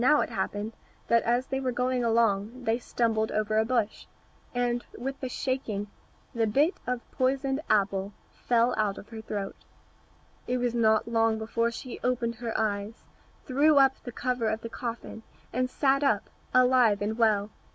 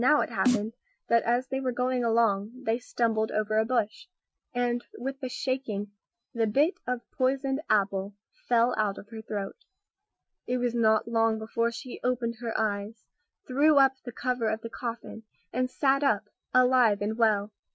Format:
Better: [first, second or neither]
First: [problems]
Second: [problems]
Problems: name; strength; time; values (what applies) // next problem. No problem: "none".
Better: first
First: none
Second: noise reduction (classical method Wiener filter)